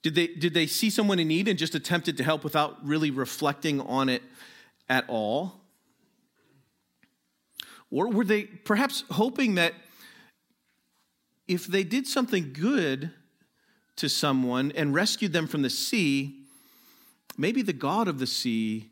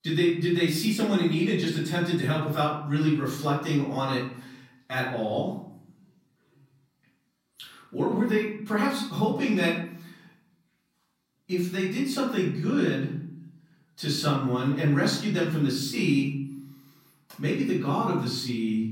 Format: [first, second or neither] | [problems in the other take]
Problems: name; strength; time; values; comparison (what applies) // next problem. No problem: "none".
first | off-mic speech; far // room echo; noticeable; dies away in 0.8 s